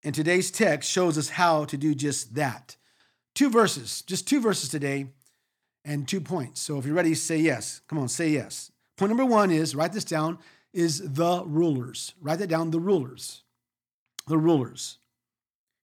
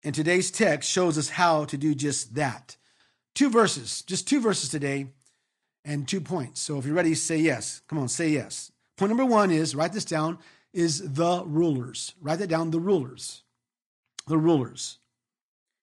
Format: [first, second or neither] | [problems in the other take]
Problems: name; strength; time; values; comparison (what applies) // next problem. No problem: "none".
first | garbled, watery; slightly